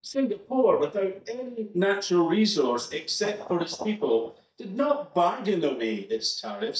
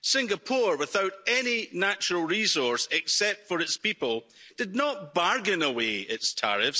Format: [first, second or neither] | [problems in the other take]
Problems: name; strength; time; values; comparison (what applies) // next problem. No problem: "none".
second | noise reduction (neural mask model DeepFilterNet 3)